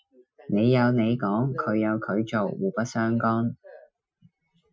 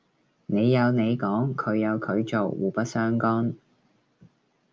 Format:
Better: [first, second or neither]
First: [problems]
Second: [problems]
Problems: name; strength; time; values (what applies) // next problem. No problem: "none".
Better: second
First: noise reduction (classical method Wiener filter)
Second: none